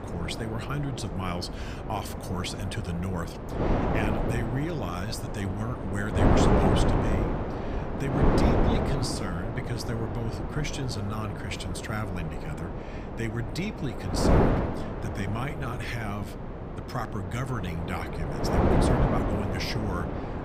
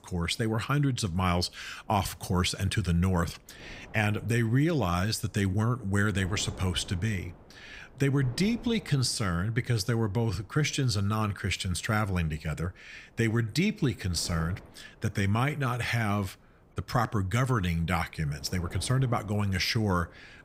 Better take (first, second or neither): second